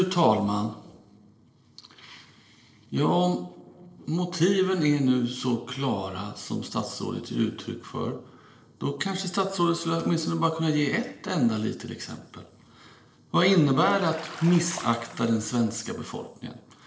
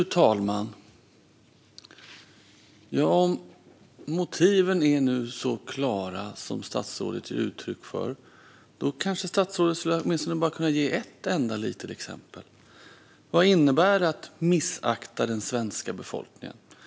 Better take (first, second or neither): second